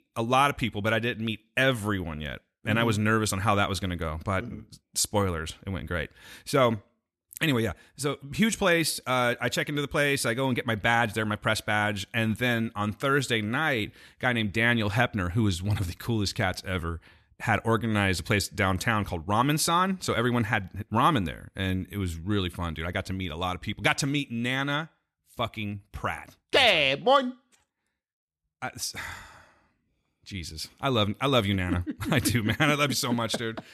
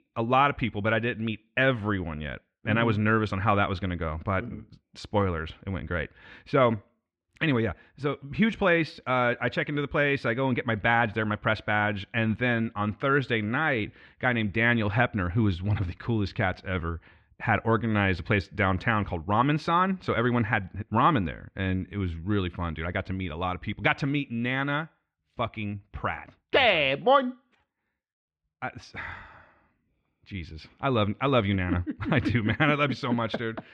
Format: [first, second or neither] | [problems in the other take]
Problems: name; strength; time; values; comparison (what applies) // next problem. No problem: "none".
first | muffled; very; fading above 3 kHz